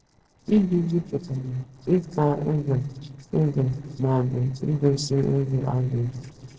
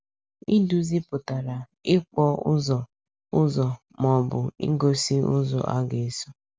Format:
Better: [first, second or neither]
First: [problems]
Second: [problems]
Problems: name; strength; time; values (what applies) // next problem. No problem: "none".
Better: second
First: noise reduction (neural separator model SepFormer DNS4)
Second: none